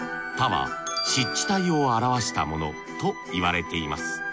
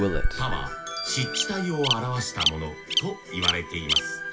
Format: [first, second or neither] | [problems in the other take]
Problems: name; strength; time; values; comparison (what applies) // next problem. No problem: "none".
first | background sound (Bird vocalization, bird call, bird song); 1 dB above the speech // room echo; dies away in 0.2 s